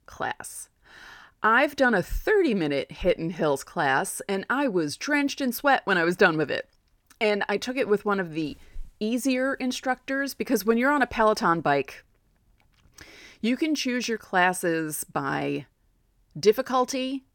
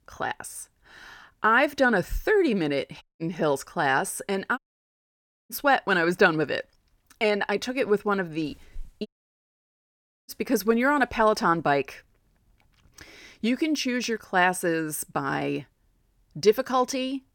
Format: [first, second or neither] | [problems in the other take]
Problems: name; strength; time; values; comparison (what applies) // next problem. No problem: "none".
first | audio cutting out; at 3 s, at 4.5 s for 1 s and at 9 s for 1 s